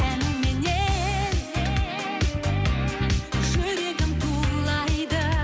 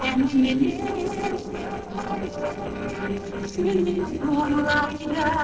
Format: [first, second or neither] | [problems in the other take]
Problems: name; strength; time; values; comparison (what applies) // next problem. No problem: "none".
first | noise reduction (neural separator model SepFormer DNS4)